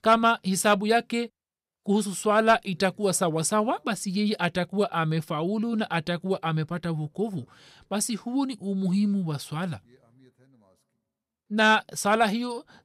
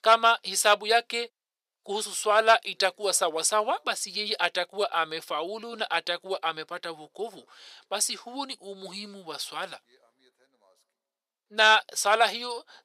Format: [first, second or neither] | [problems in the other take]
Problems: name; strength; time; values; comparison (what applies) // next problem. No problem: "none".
first | thin; very; fading below 450 Hz